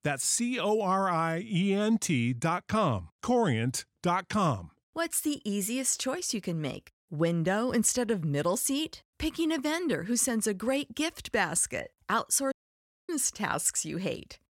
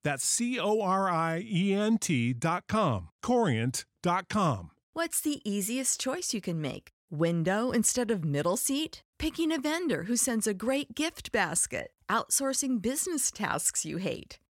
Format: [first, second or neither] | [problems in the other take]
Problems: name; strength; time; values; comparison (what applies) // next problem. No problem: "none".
second | audio cutting out; at 13 s for 0.5 s